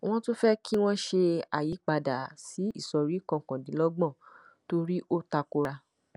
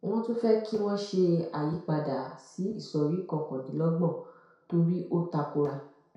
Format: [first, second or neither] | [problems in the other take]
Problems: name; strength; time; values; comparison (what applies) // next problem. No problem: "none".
first | room echo; dies away in 0.6 s